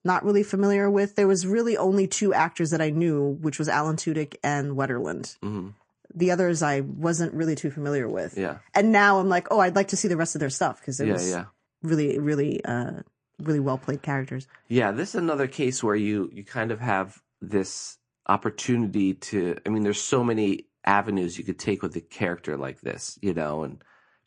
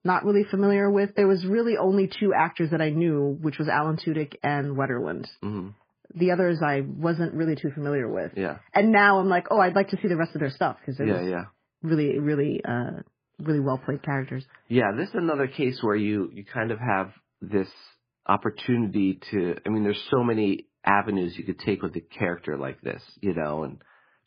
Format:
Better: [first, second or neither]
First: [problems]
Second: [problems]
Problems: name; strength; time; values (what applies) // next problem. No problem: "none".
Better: first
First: garbled, watery; slightly; nothing above 8.5 kHz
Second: garbled, watery; badly; nothing above 5 kHz